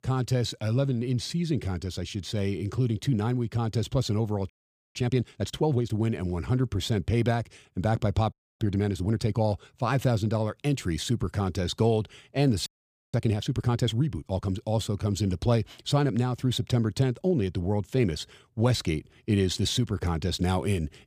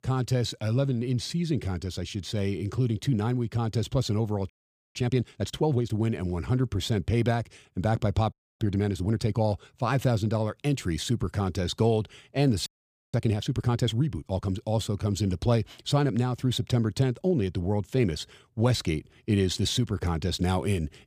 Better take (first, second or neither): neither